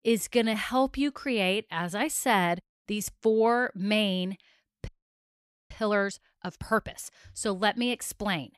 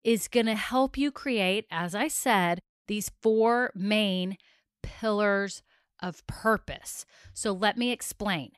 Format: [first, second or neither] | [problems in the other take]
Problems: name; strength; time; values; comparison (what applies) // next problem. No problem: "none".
second | audio freezing; at 5 s for 1 s